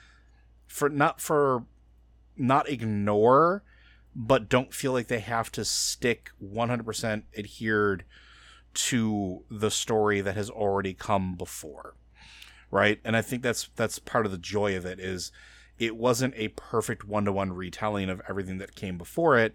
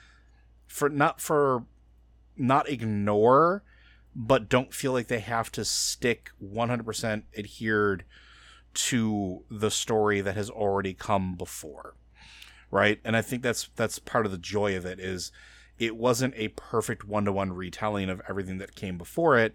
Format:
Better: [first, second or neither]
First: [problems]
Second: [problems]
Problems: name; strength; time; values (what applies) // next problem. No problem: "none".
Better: neither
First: none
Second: none